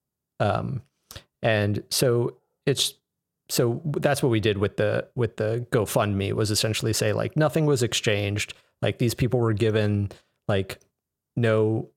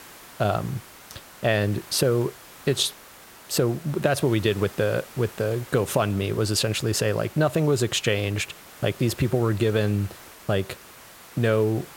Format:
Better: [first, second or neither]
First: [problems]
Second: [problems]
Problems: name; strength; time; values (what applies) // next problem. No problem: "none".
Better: first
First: none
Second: hiss; noticeable; throughout; 20 dB below the speech